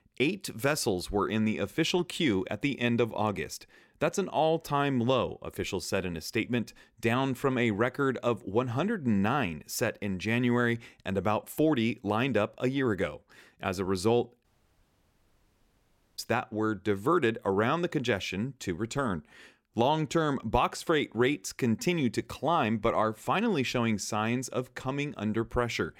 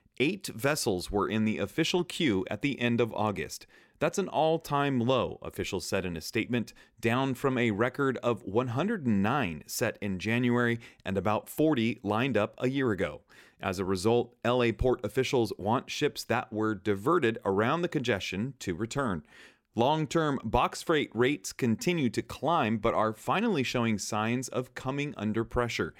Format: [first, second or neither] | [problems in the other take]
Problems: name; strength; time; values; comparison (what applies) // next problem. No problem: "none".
second | audio cutting out; at 14 s for 1.5 s